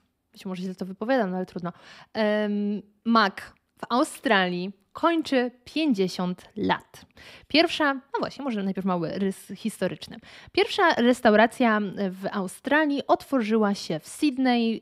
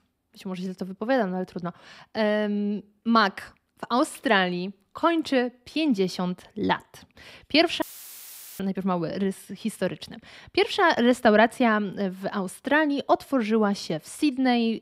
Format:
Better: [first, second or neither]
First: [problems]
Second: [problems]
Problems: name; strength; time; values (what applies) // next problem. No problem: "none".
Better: first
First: none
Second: audio cutting out; filled with static; at 8 s for 1 s